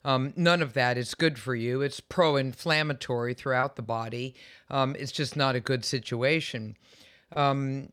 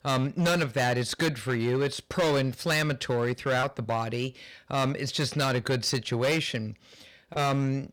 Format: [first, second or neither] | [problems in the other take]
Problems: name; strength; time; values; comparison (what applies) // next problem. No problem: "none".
first | distortion; heavy; 12% of the sound clipped